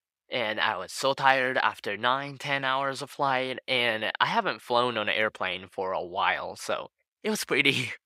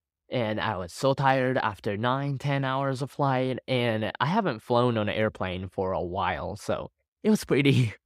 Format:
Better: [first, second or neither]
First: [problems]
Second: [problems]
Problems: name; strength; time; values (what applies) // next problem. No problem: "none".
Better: second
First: thin; somewhat; fading below 1 kHz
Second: none